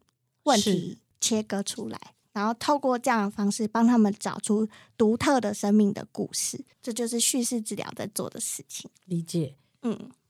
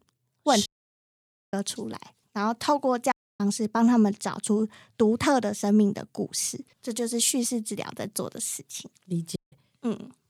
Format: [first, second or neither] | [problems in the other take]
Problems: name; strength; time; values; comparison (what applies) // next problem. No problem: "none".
first | audio cutting out; at 0.5 s for 1 s, at 3 s and at 9.5 s